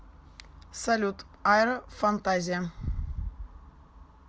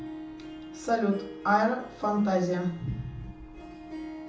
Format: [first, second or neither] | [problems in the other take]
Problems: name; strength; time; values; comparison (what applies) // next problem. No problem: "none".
first | background sound (Harp); 14 dB below the speech // room echo; dies away in 1 s